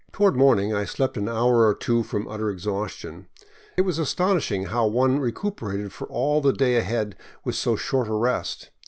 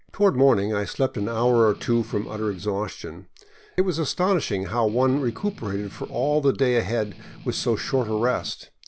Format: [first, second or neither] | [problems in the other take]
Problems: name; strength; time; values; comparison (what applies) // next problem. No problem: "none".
first | background sound (Strum); 19 dB below the speech